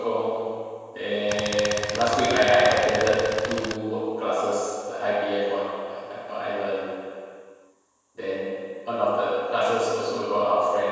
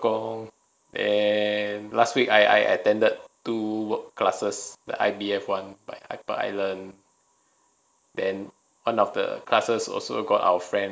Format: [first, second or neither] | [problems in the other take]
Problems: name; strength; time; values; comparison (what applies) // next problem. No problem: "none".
second | background sound (Tools); 7 dB below the speech // room echo; dies away in 1.9 s